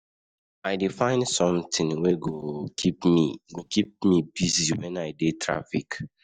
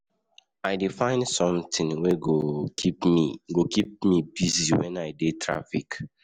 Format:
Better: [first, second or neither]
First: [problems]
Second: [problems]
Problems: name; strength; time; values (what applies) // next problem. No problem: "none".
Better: second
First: noise reduction (neural mask model DeepFilterNet 3)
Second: none